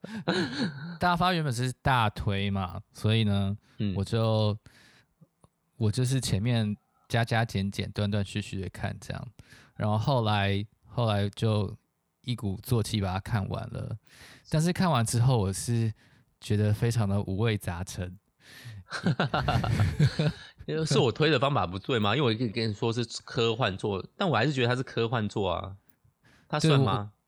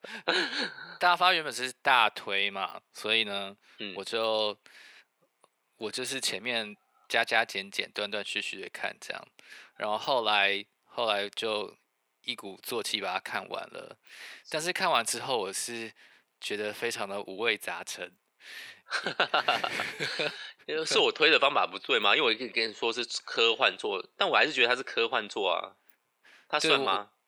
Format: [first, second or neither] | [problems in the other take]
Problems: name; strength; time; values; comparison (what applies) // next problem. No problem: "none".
first | thin; very; fading below 400 Hz